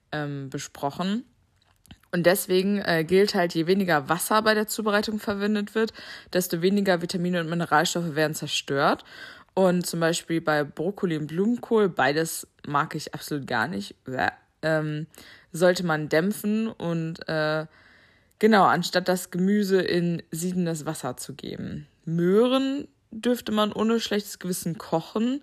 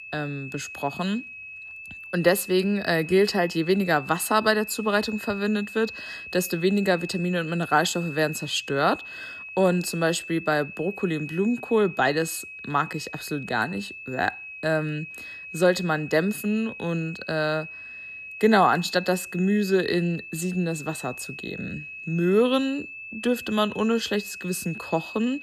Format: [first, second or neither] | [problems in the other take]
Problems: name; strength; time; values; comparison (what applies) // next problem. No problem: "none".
first | high-pitched whine; noticeable; throughout; 2.5 kHz, 10 dB below the speech